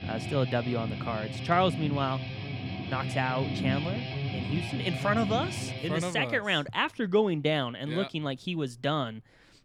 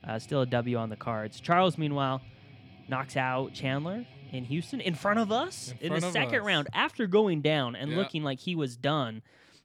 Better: second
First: background music; loud; throughout; 5 dB below the speech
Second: background music; faint; throughout; 20 dB below the speech

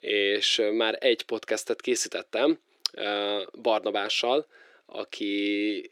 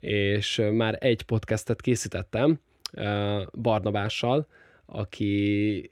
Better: second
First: thin; very; fading below 350 Hz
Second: none

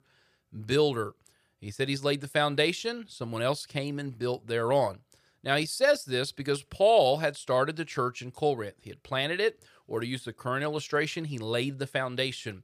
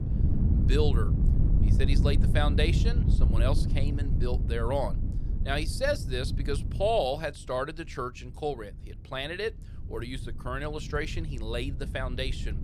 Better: first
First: none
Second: wind noise on the microphone; heavy; 9 dB below the speech

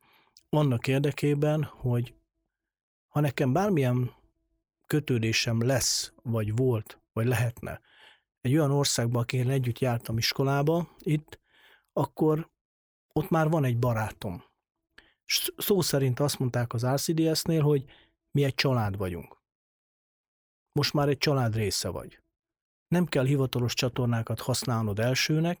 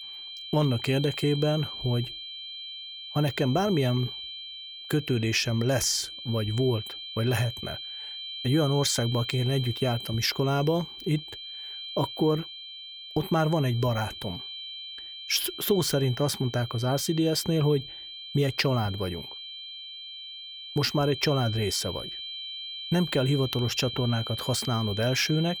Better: first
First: none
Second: high-pitched whine; loud; throughout; 3 kHz, 9 dB below the speech

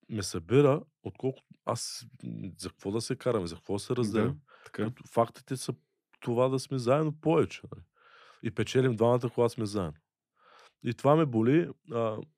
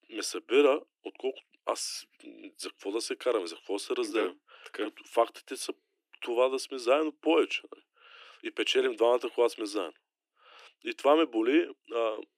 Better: first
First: none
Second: thin; somewhat; fading below 300 Hz

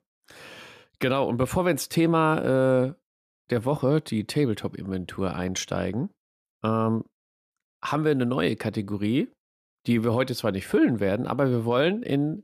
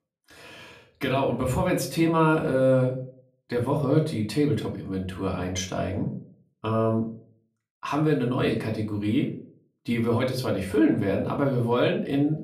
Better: first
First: none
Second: room echo; slight; dies away in 0.4 s // off-mic speech; far

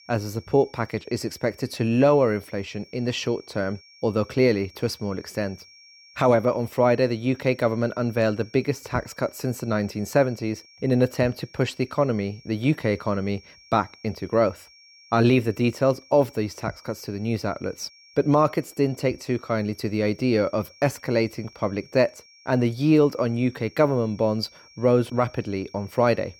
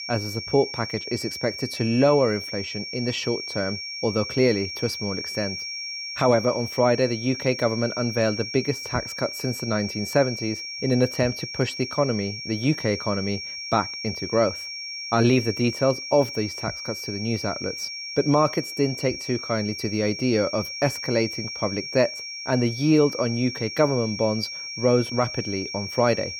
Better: first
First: high-pitched whine; faint; throughout; 5.5 kHz, 25 dB below the speech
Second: high-pitched whine; loud; throughout; 5.5 kHz, 7 dB below the speech

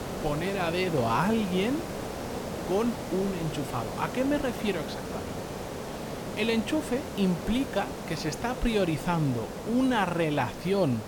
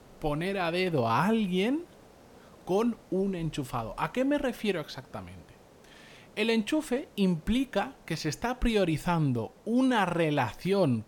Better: second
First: hiss; loud; throughout; 7 dB below the speech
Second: hiss; faint; throughout; 25 dB below the speech

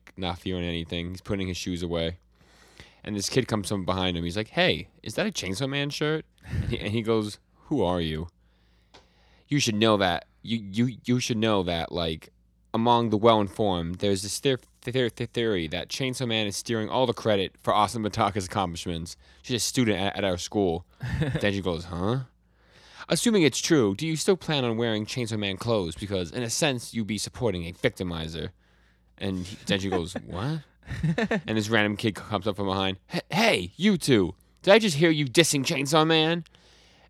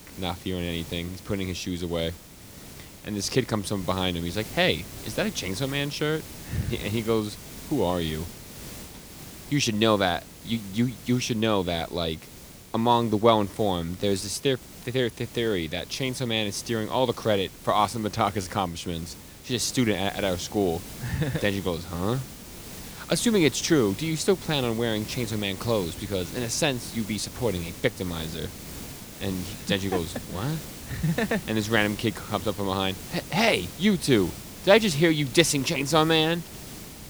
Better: first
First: none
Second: hiss; noticeable; throughout; 15 dB below the speech

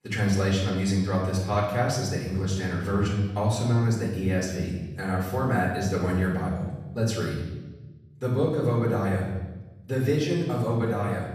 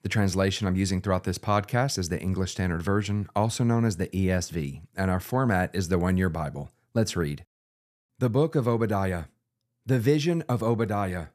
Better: second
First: off-mic speech; far // room echo; noticeable; dies away in 1.1 s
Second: none

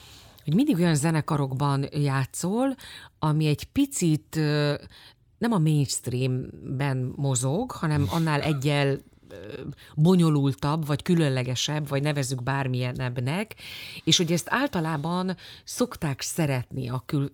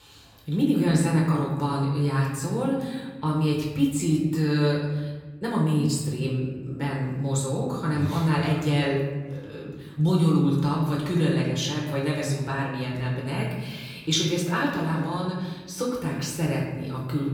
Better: first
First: none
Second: room echo; noticeable; dies away in 1.2 s // off-mic speech; far

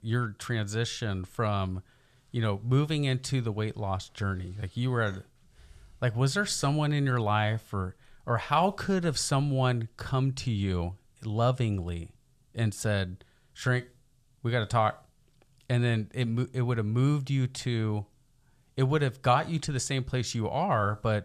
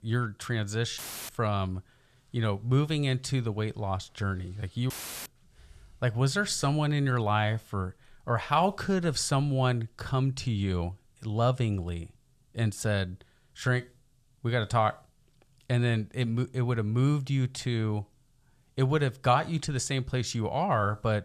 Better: first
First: none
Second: audio cutting out; filled with static; at 1 s and at 5 s

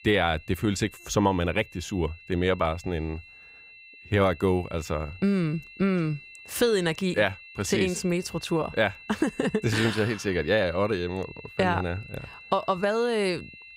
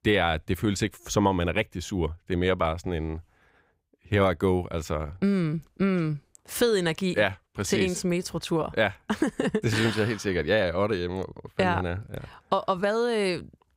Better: second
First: high-pitched whine; noticeable; throughout; 2.5 kHz, 20 dB below the speech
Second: none

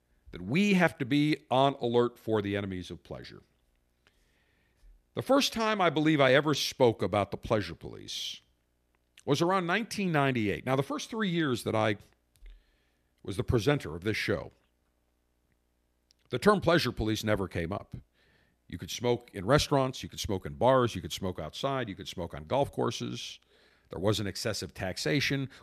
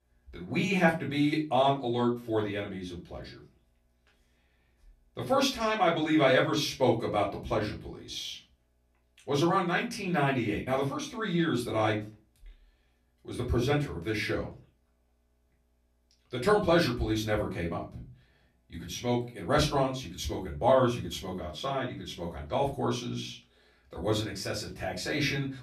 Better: first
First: none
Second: off-mic speech; far // room echo; very slight; dies away in 0.3 s

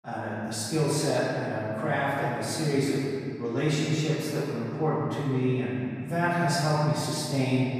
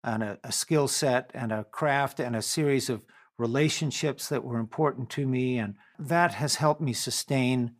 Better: second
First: off-mic speech; far // room echo; strong; dies away in 2.2 s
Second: none

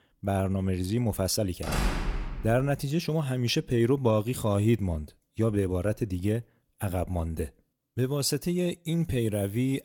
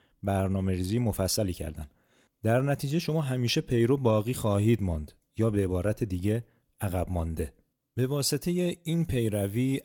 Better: second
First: door banging; noticeable; from 1.5 to 2.5 s; peak 1 dB below the speech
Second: none

